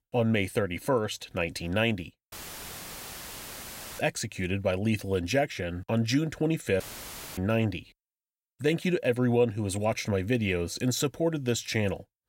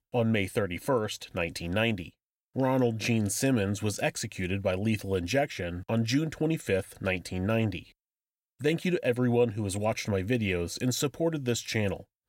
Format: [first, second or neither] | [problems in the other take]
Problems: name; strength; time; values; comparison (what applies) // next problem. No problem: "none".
second | audio cutting out; filled with static; at 2.5 s for 1.5 s and at 7 s for 0.5 s